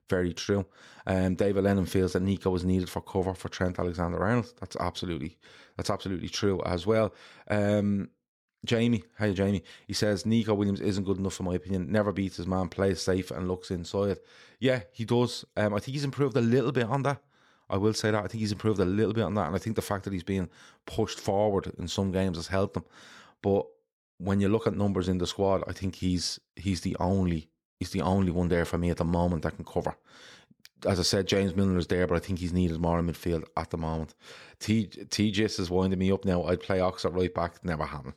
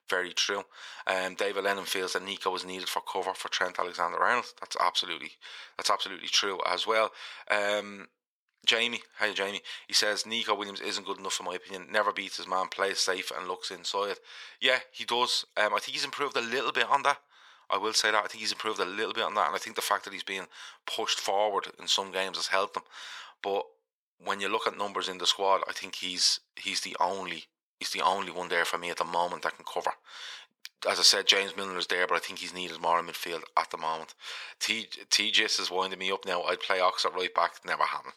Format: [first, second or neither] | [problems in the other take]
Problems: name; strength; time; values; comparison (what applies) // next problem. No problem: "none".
first | thin; very; fading below 850 Hz